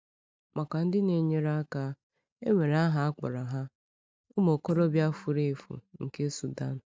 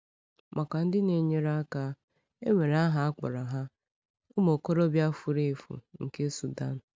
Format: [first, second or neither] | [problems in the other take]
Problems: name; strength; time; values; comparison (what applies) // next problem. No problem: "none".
second | noise reduction (neural mask model DeepFilterNet 3)